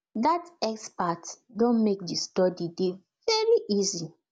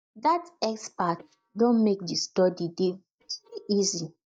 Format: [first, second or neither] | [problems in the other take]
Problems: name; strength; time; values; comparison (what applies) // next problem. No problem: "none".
first | noise reduction (neural mask model DeepFilterNet 3)